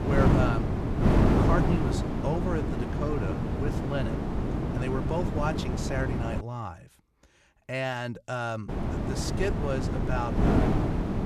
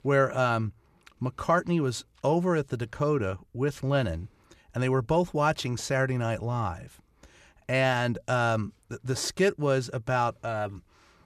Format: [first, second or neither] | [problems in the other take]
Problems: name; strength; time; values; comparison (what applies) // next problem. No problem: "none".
second | wind noise on the microphone; heavy; until 6.5 s and from 8.5 s on; 1 dB above the speech